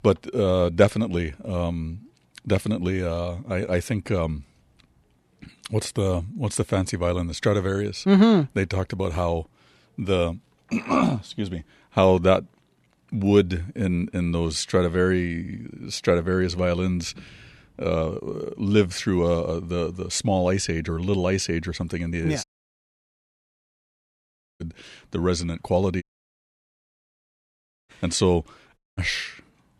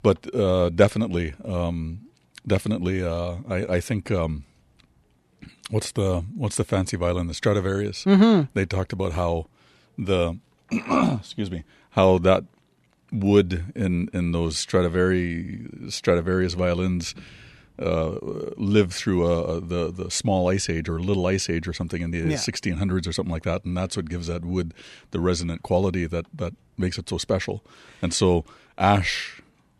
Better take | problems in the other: second | audio cutting out; at 22 s for 2 s, at 26 s for 2 s and at 29 s

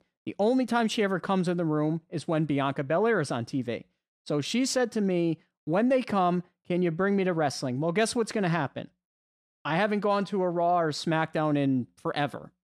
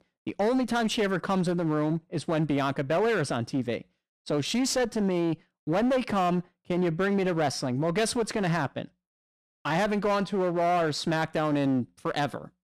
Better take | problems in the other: first | distortion; slight; 14% of the sound clipped

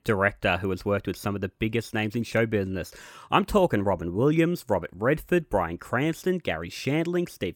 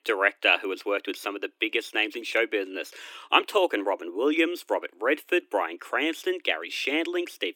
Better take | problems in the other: first | thin; somewhat; fading below 300 Hz

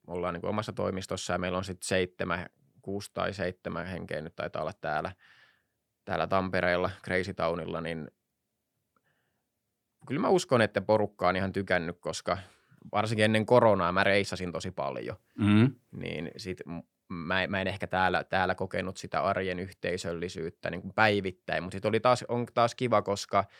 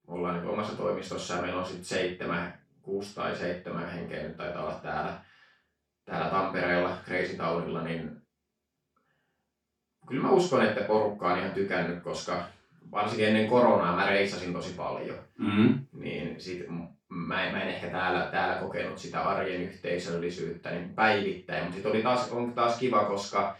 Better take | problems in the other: first | room echo; noticeable; dies away in 0.3 s // off-mic speech; far

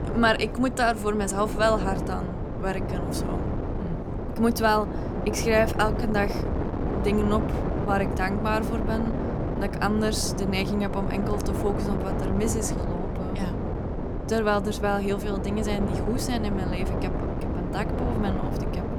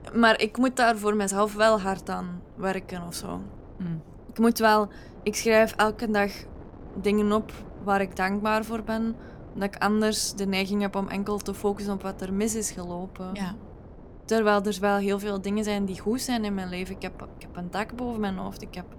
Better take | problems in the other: second | wind noise on the microphone; heavy; 6 dB below the speech; occasional gusts in the second

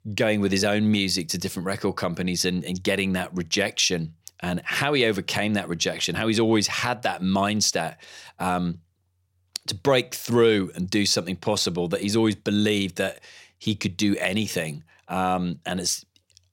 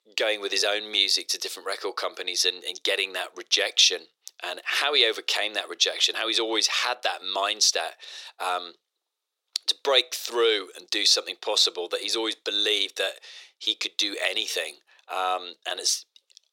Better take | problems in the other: first | thin; very; fading below 400 Hz

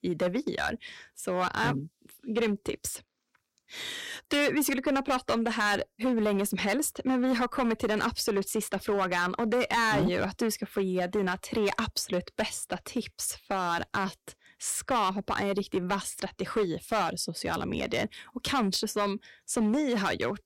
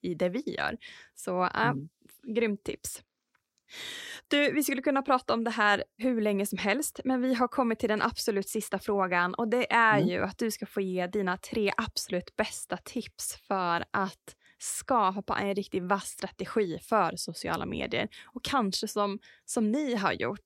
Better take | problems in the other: second | distortion; heavy; 8% of the sound clipped

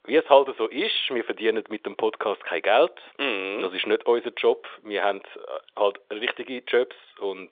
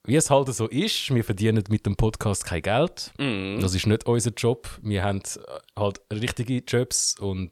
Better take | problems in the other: second | phone-call audio; nothing above 3.5 kHz

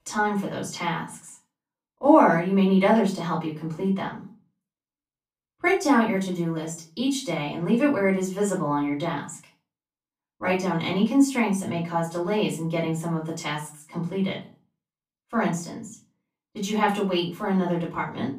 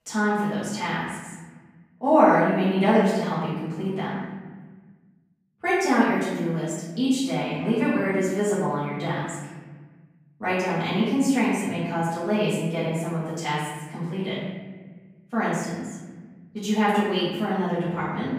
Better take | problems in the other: first | room echo; strong; dies away in 1.4 s; slight in the first // off-mic speech; far; far in the first

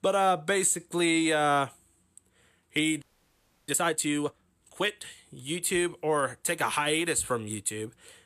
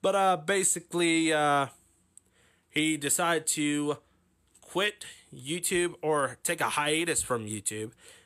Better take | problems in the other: second | audio freezing; at 3 s for 0.5 s

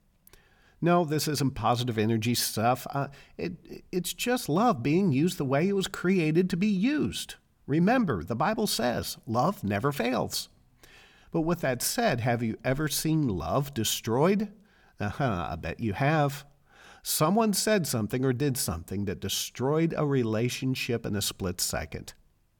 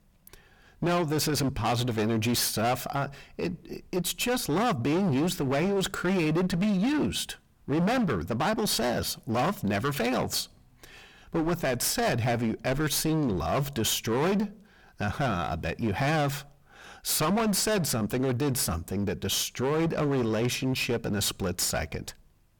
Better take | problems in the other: first | distortion; heavy; 20% of the sound clipped

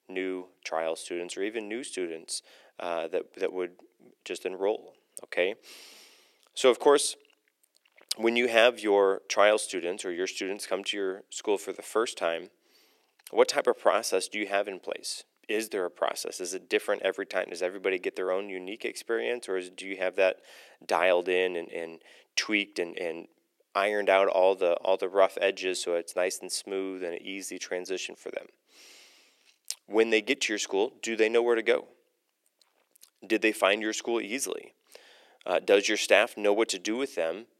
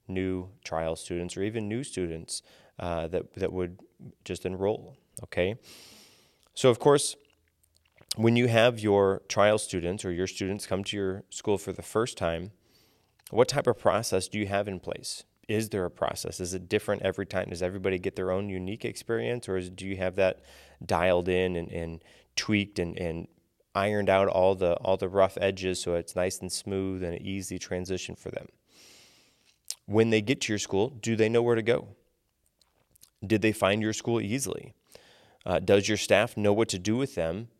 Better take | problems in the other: second | thin; somewhat; fading below 300 Hz

